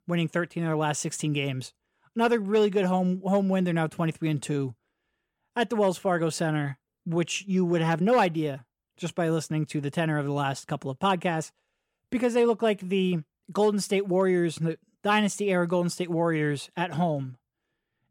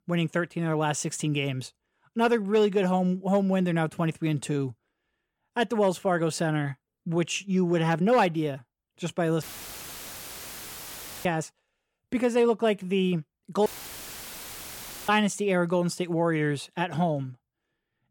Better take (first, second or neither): first